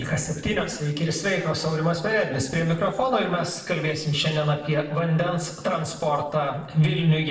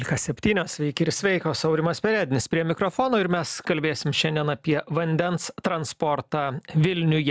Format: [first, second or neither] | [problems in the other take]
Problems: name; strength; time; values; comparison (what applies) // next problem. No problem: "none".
second | noise reduction (neural separator model SepFormer DNS4)